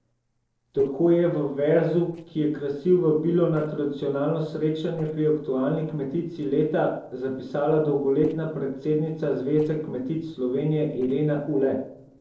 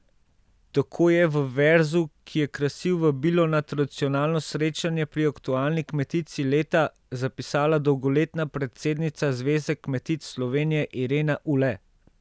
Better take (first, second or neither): second